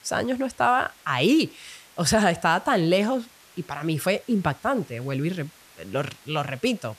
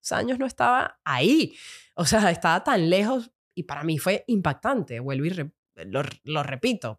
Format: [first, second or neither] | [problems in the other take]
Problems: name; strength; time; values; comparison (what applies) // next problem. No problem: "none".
second | hiss; faint; throughout; 25 dB below the speech